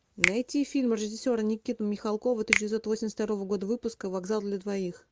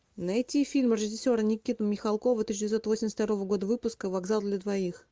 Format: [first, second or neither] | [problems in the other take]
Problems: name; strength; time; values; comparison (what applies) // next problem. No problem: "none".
second | background sound (Finger snapping); 6 dB below the speech